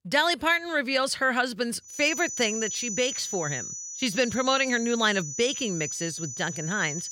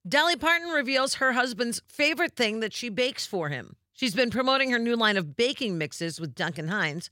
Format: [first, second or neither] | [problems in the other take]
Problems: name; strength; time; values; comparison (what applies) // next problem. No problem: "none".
second | high-pitched whine; loud; from 2 s on; 6 kHz, 7 dB below the speech